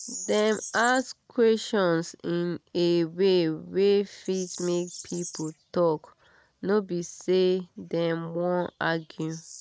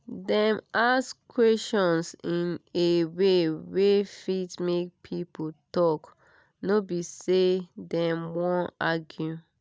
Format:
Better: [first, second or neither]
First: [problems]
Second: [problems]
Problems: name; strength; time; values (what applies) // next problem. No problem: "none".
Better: second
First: noise reduction (neural mask model RNNoise)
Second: none